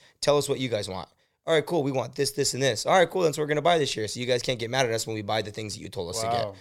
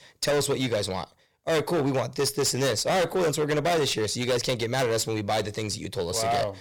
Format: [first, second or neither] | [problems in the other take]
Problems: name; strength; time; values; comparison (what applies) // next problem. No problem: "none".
first | distortion; heavy; 17% of the sound clipped